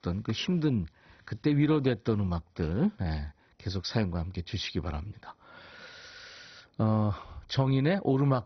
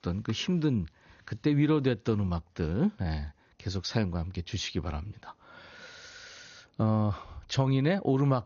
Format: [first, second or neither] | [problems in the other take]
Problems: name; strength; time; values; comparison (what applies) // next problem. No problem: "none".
second | garbled, watery; badly; nothing above 6 kHz; slightly in the second